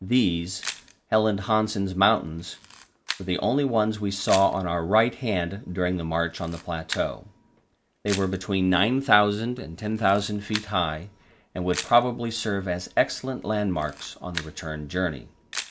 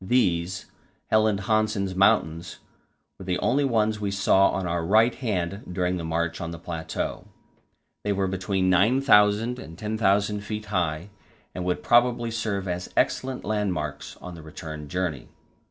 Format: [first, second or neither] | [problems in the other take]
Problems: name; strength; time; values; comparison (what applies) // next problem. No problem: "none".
second | background sound (Camera); 16 dB below the speech